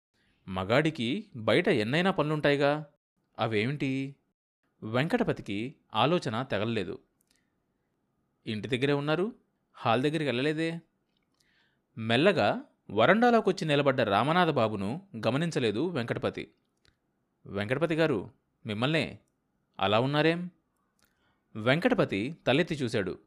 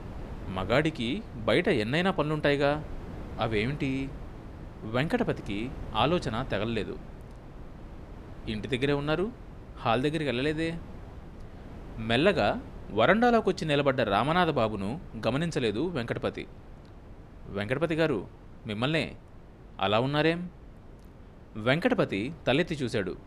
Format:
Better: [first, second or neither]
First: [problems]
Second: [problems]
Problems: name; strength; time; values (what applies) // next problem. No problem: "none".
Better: first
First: none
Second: wind noise on the microphone; occasional gusts; 20 dB below the speech